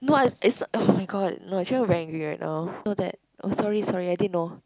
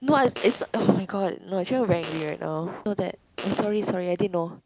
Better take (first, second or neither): first